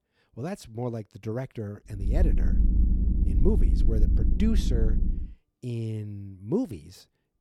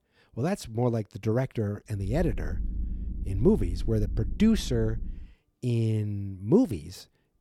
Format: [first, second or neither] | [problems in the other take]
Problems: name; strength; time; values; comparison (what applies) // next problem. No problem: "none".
second | low rumble; loud; from 2 to 5 s; 5 dB below the speech; faint in the second